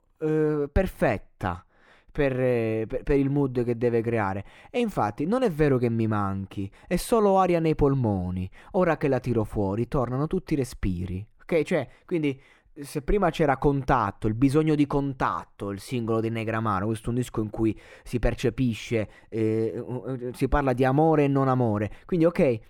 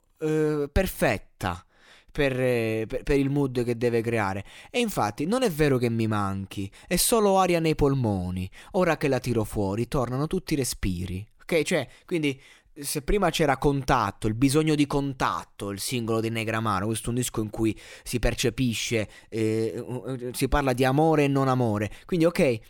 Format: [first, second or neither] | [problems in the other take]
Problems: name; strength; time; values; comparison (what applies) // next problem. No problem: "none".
second | muffled; slightly; fading above 2.5 kHz